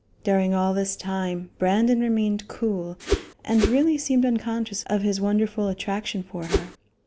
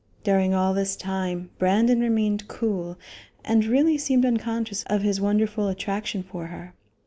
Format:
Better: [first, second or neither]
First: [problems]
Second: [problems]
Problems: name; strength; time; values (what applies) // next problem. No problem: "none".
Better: second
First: background sound (Whoosh, swoosh, swish); 2 dB below the speech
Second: none